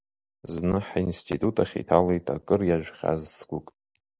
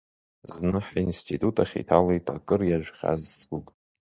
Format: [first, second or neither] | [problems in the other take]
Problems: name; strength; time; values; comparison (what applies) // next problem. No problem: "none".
first | noise reduction (neural mask model DeepFilterNet 3)